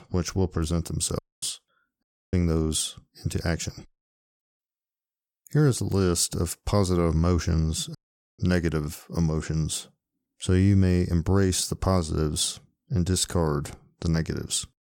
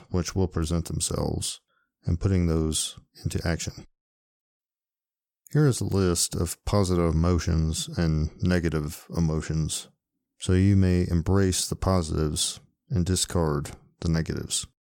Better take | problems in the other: second | audio cutting out; at 1 s, at 2 s and at 8 s

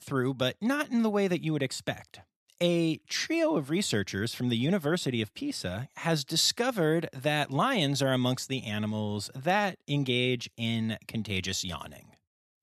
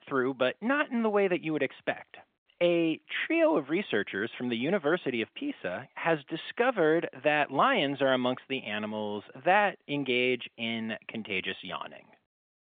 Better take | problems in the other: first | phone-call audio

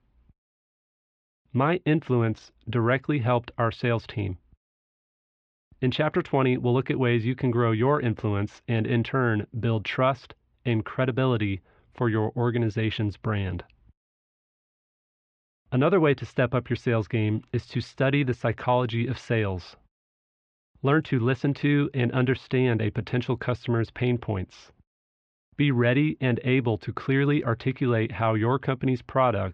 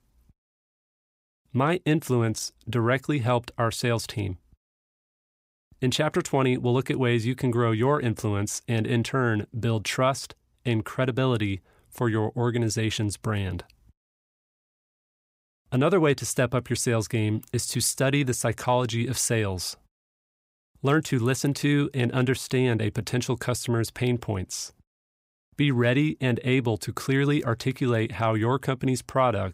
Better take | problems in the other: second | muffled; very; fading above 3.5 kHz

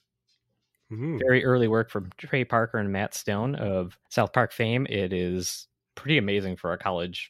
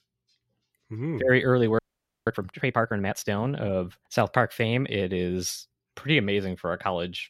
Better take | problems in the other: first | audio freezing; at 2 s

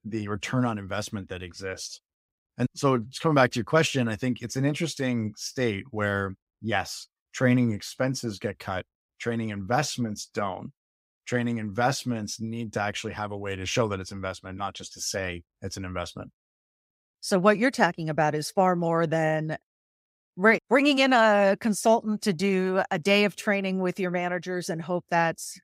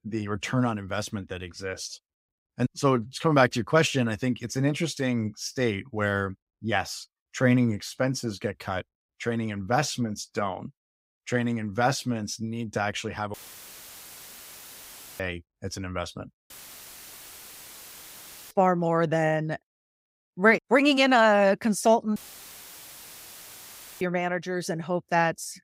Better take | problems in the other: first | audio cutting out; filled with static; at 13 s for 2 s, at 17 s for 2 s and at 22 s for 2 s

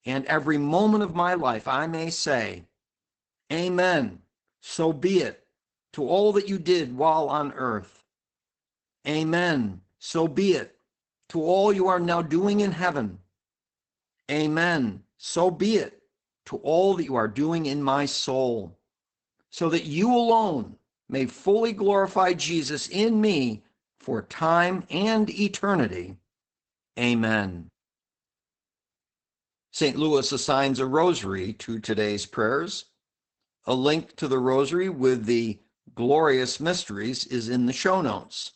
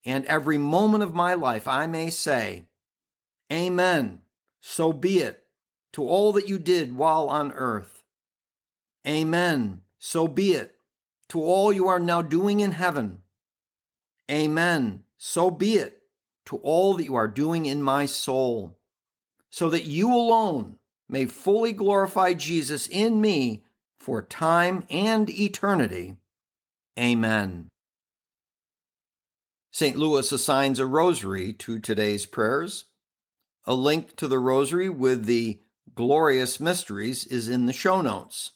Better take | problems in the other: second | garbled, watery; badly; nothing above 8 kHz; slightly in the second

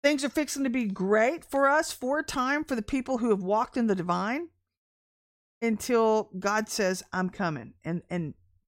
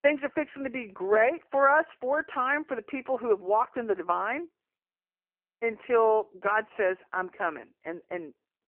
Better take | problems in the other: first | phone-call audio; poor line; nothing above 3 kHz

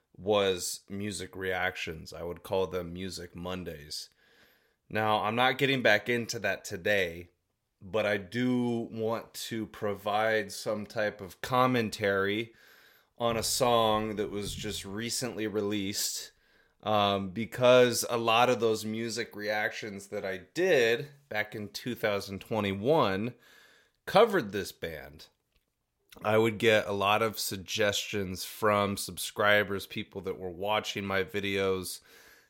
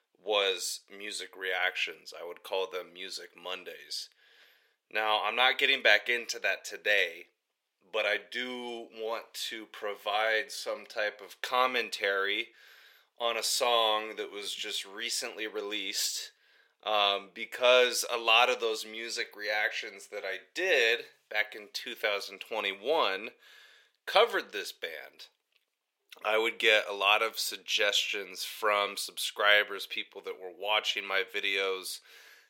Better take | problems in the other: first | thin; very; fading below 400 Hz

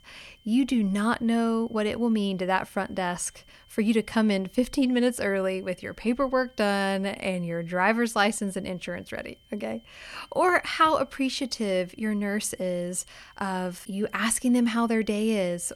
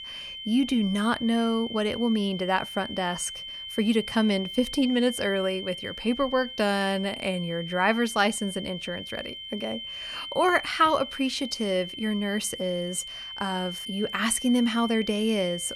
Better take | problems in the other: first | high-pitched whine; loud; throughout; 3 kHz, 9 dB below the speech; faint in the first

